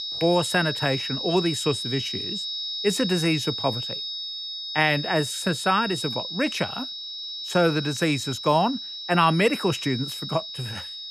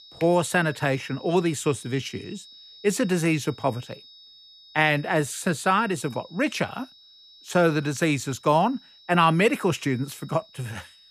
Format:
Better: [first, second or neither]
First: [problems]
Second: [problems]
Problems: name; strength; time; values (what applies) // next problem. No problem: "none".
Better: second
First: high-pitched whine; loud; throughout; 4 kHz, 5 dB below the speech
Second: high-pitched whine; faint; throughout; 4 kHz, 25 dB below the speech